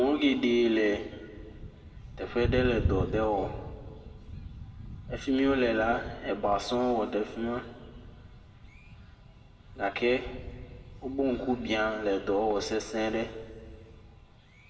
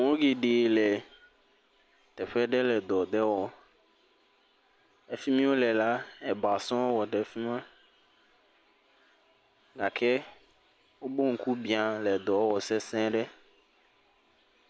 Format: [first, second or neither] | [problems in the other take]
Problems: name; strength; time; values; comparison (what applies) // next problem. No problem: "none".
second | background sound (Thunder); 10 dB below the speech // room echo; dies away in 1.3 s